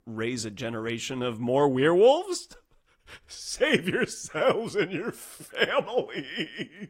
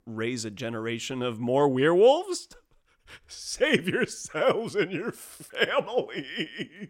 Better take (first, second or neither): second